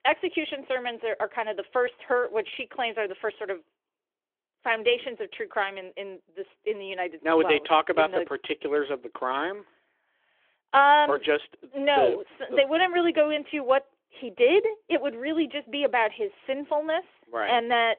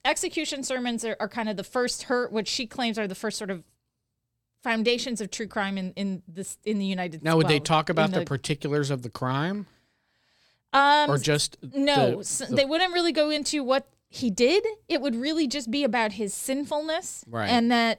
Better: second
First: phone-call audio; nothing above 3.5 kHz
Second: none

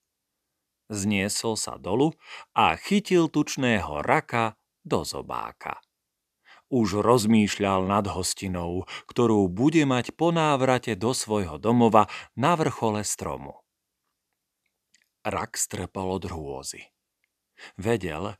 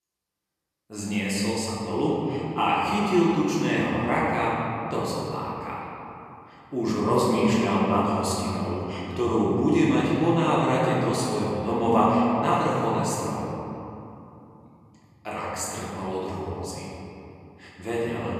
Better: first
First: none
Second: off-mic speech; far // room echo; strong; dies away in 2.8 s

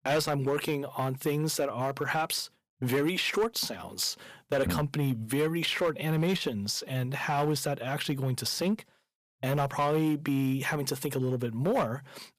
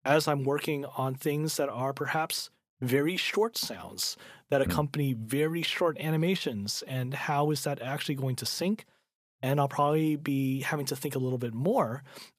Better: second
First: distortion; slight; 6% of the sound clipped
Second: none

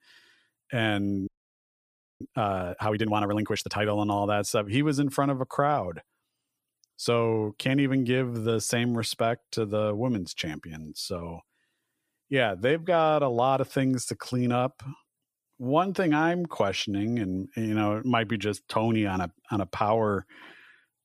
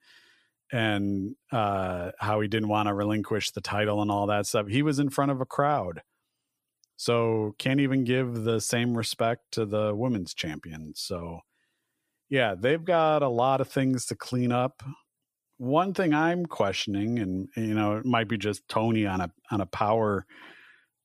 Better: second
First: audio freezing; at 1.5 s for 1 s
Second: none

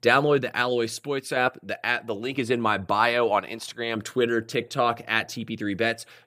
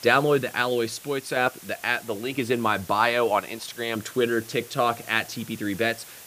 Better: first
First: none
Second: hiss; noticeable; throughout; 15 dB below the speech

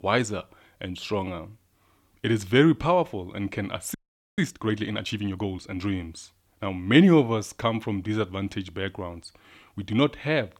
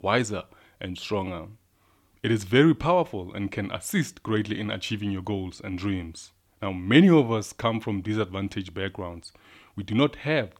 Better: second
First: audio freezing; at 4 s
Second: none

